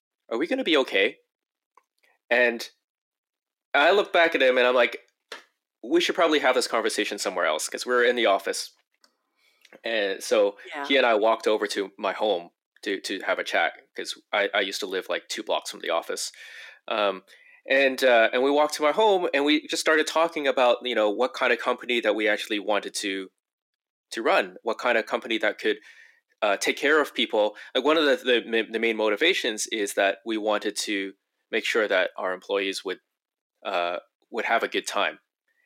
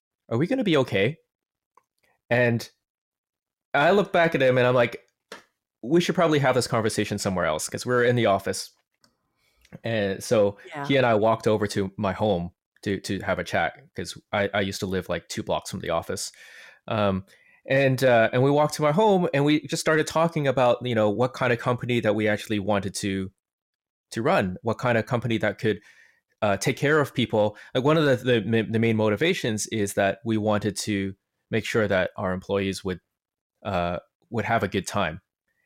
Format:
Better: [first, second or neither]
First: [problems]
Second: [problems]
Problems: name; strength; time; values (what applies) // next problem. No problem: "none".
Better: second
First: thin; somewhat; fading below 250 Hz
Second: none